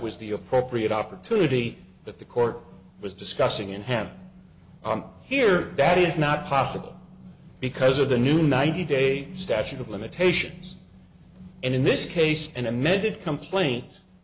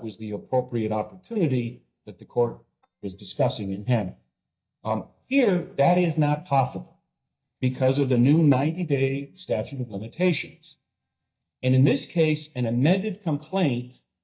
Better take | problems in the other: first | noise reduction (neural mask model DeepFilterNet 3)

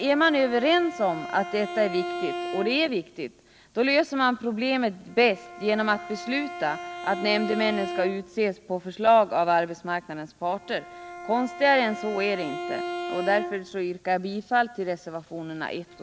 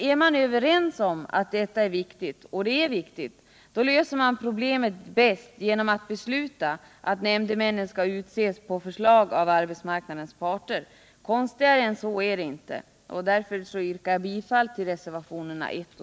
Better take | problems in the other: second | background sound (Bowed string instrument); 11 dB below the speech

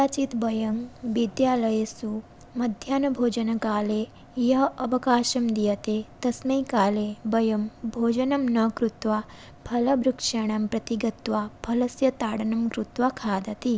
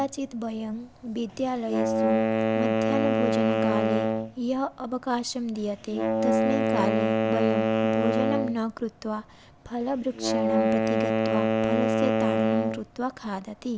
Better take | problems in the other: first | background sound (Wind instrument, woodwind instrument); 5 dB above the speech

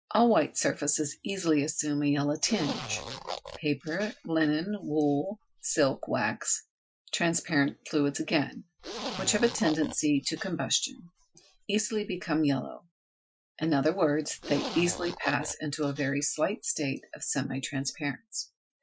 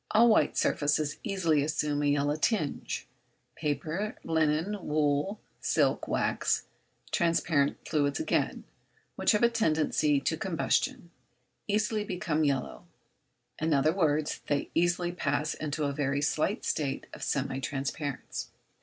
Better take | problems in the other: second | noise reduction (classical method Wiener filter)

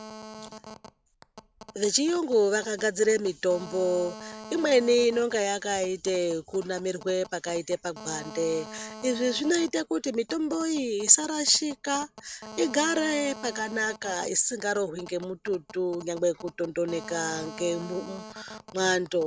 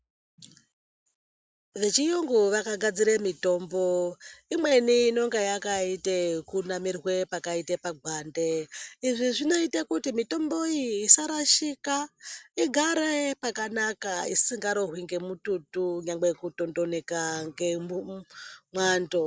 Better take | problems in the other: second | background sound (Telephone); 17 dB below the speech

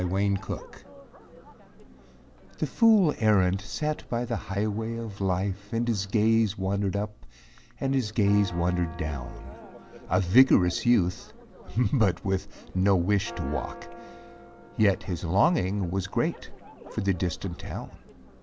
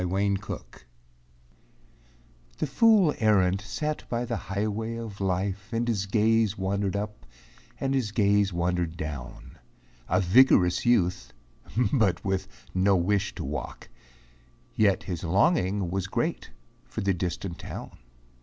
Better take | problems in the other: second | background sound (Church bell); 20 dB below the speech

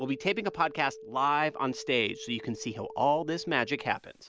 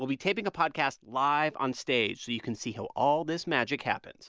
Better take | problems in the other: second | background sound (Telephone); 16 dB below the speech

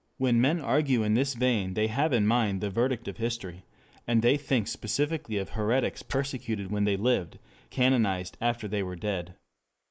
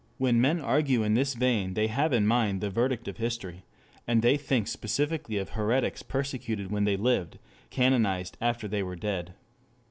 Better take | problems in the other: second | noise reduction (neural mask model Resemble Enhance denoiser)

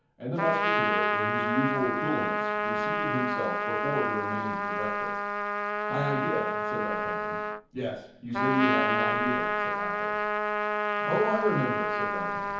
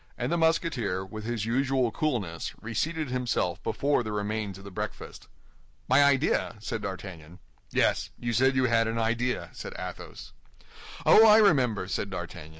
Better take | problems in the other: second | background sound (Trumpet); 4 dB above the speech // room echo; dies away in 0.7 s

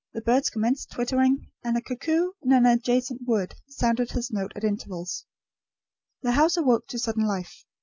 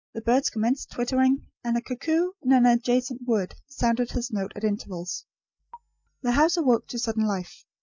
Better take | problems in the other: first | noise reduction (neural mask model DeepFilterNet 3)

